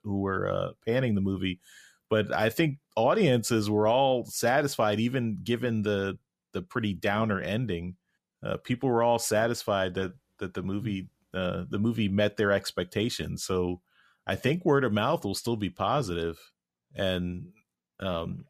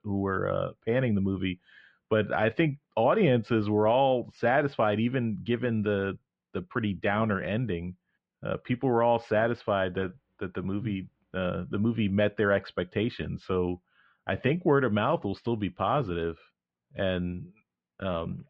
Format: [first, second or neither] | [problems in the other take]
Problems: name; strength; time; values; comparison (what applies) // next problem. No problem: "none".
first | muffled; very; fading above 3 kHz